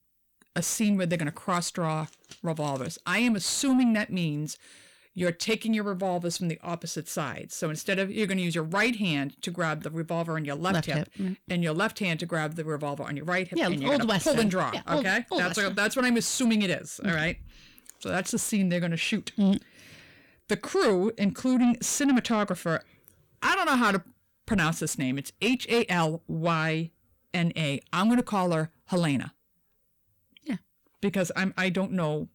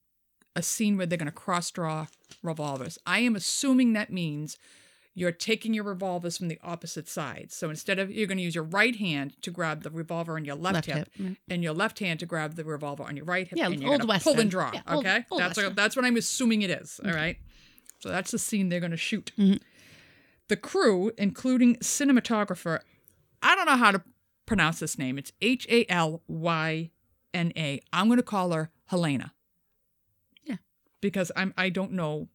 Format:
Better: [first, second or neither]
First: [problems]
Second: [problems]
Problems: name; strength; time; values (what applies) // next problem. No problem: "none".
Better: second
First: distortion; slight; 10 dB below the speech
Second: none